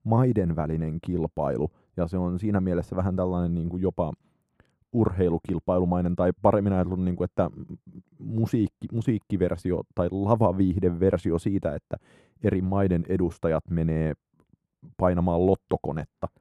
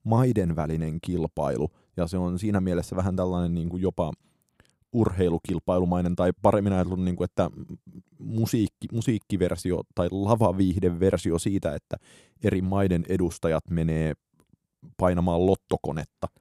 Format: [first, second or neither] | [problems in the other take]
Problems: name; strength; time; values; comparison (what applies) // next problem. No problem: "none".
second | muffled; slightly; fading above 3 kHz